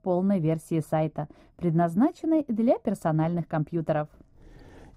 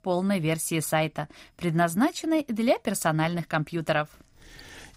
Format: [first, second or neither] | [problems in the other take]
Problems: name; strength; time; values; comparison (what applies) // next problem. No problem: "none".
second | muffled; very; fading above 1.5 kHz